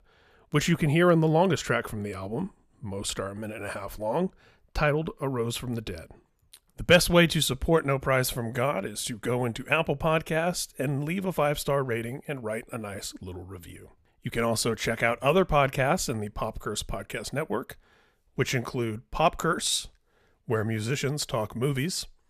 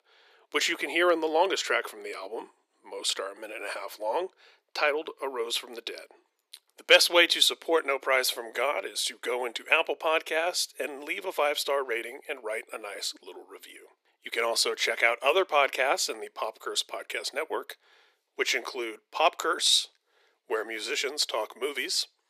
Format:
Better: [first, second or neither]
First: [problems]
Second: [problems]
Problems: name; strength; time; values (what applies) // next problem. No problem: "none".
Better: first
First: none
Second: thin; very; fading below 350 Hz